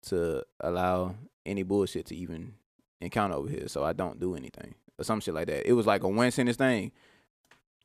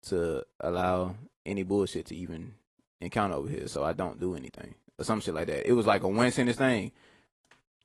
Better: first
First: none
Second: garbled, watery; slightly; nothing above 11 kHz

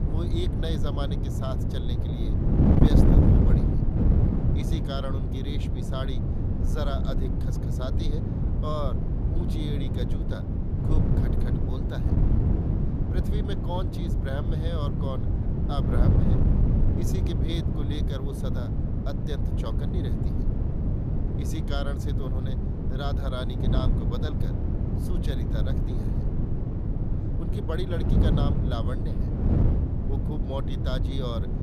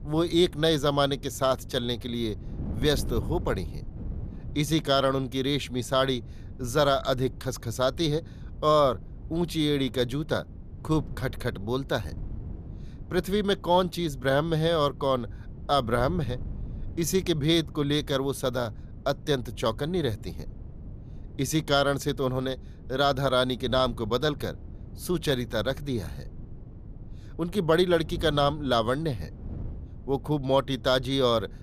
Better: second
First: wind noise on the microphone; heavy; 1 dB above the speech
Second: wind noise on the microphone; occasional gusts; 25 dB below the speech

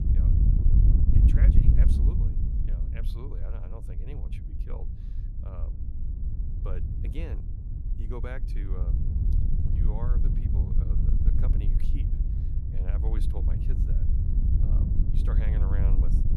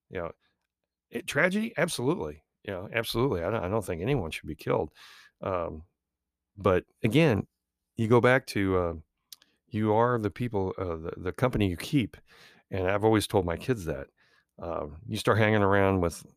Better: second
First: wind noise on the microphone; heavy; 3 dB above the speech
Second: none

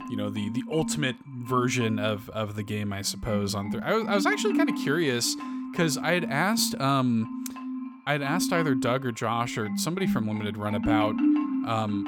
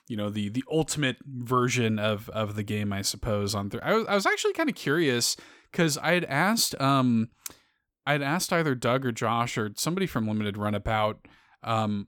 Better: second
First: background music; loud; throughout; 4 dB below the speech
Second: none

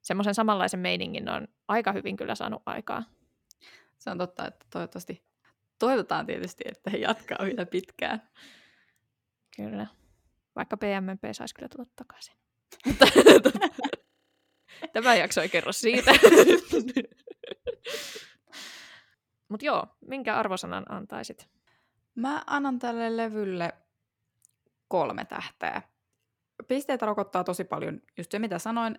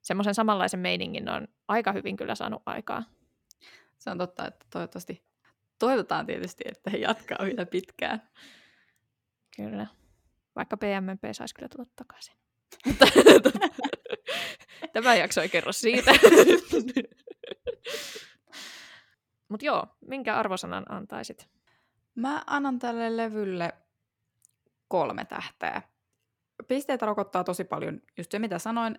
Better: second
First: audio freezing; at 14 s for 0.5 s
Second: none

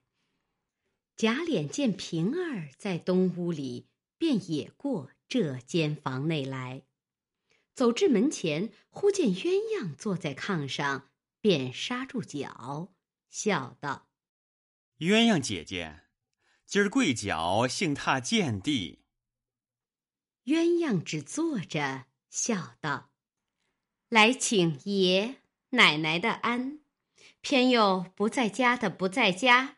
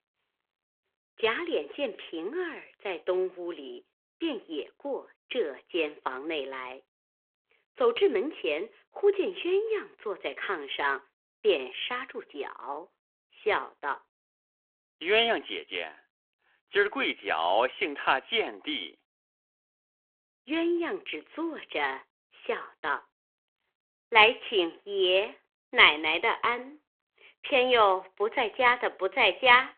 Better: first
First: none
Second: phone-call audio

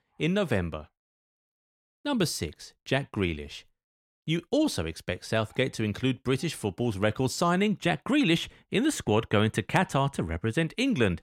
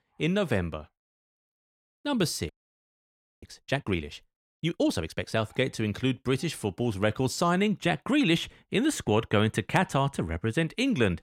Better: first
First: none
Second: audio freezing; at 2.5 s for 1 s

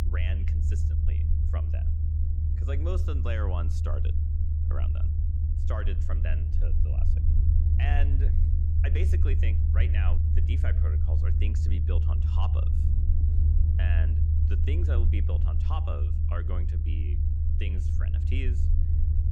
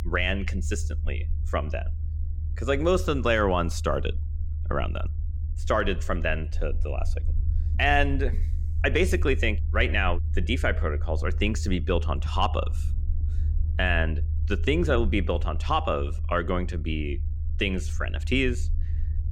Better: second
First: low rumble; loud; throughout; 2 dB below the speech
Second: low rumble; faint; throughout; 20 dB below the speech

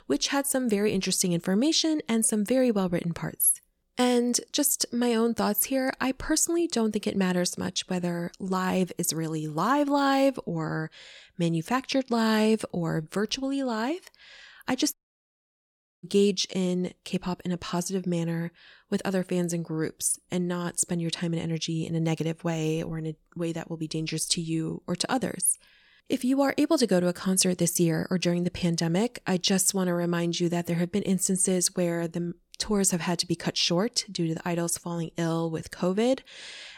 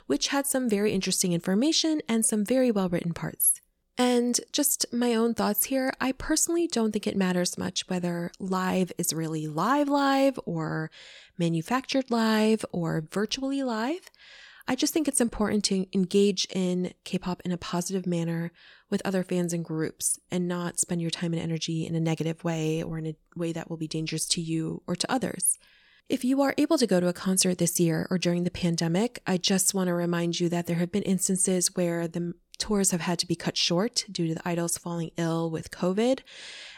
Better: second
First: audio cutting out; at 15 s for 1 s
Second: none

